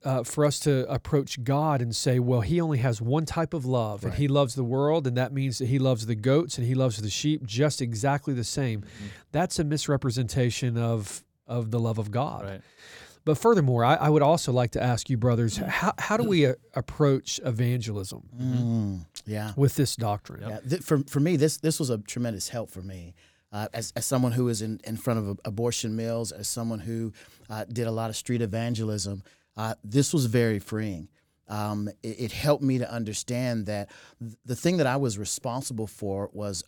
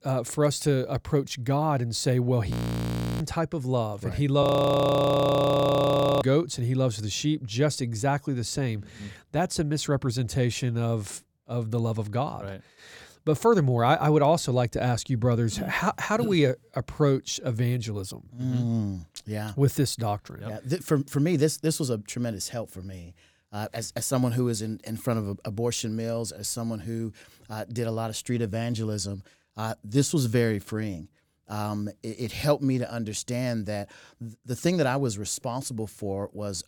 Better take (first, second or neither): first